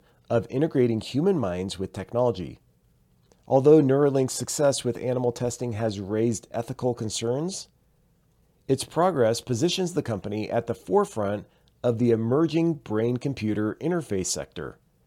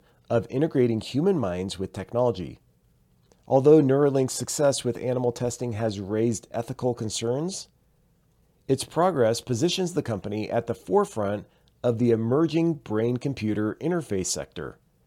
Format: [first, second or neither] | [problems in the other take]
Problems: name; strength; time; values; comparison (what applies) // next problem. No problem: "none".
neither | none